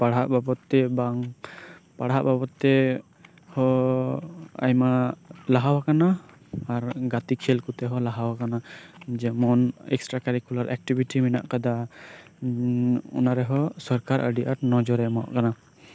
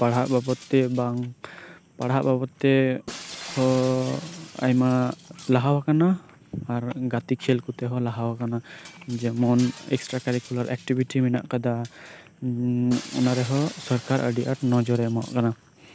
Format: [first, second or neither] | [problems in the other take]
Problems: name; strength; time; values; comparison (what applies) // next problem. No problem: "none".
first | background sound (Shatter); 20 dB below the speech